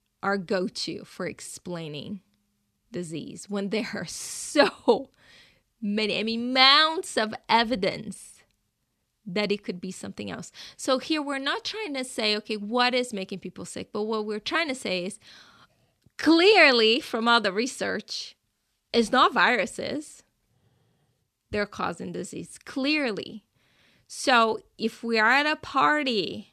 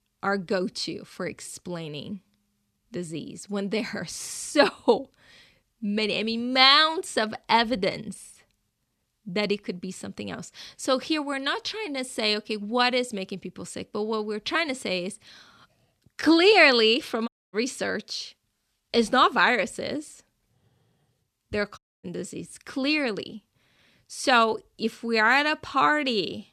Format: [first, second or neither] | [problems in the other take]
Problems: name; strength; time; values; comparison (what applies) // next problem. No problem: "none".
first | audio cutting out; at 17 s and at 22 s